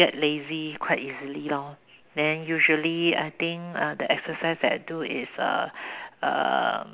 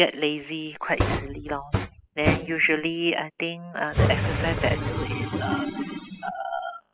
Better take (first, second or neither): first